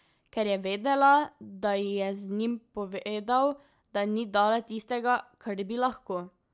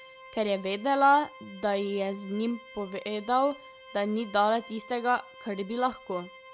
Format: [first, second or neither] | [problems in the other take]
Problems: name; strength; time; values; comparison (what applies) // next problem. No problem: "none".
first | background sound (Organ); 20 dB below the speech